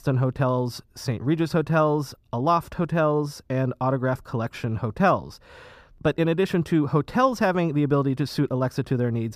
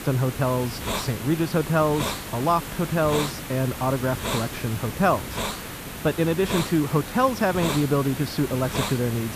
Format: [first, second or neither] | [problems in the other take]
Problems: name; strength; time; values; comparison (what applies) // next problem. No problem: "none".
first | hiss; loud; throughout; 7 dB below the speech